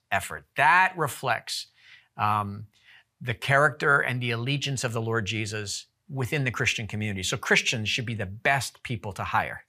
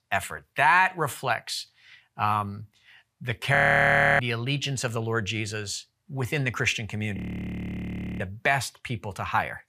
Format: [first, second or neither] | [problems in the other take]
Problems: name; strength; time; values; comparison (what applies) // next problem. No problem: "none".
first | audio freezing; at 3.5 s for 0.5 s and at 7 s for 1 s